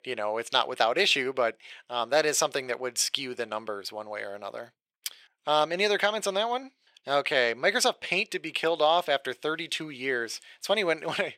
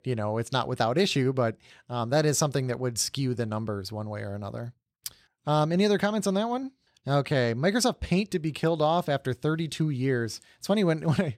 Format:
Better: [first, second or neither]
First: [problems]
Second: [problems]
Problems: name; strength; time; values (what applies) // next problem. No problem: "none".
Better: second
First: thin; very; fading below 550 Hz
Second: none